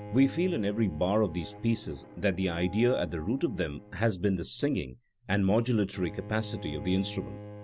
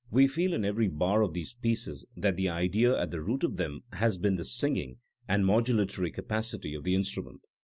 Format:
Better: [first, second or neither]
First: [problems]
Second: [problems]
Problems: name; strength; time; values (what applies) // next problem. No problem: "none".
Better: second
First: background sound (Bowed string instrument); 16 dB below the speech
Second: none